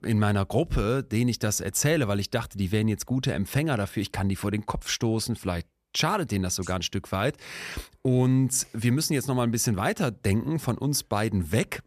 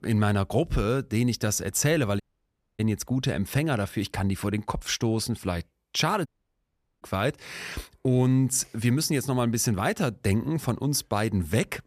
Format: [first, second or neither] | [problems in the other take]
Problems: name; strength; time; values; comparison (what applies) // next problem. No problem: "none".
first | audio cutting out; at 2 s for 0.5 s and at 6.5 s for 1 s